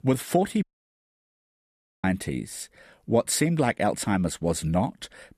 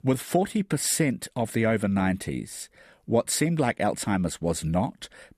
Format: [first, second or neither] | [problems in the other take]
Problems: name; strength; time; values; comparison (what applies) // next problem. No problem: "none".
second | audio cutting out; at 0.5 s for 1.5 s